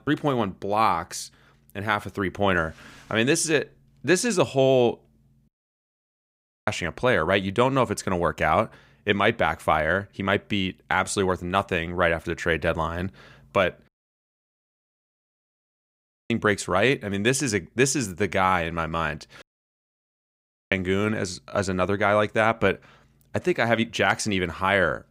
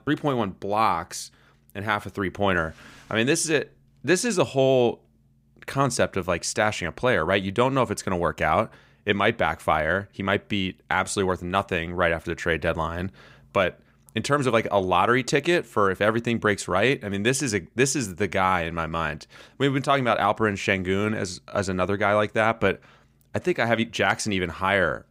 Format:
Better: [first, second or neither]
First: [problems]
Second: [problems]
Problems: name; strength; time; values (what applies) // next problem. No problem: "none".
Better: second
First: audio cutting out; at 5.5 s for 1 s, at 14 s for 2.5 s and at 19 s for 1.5 s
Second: none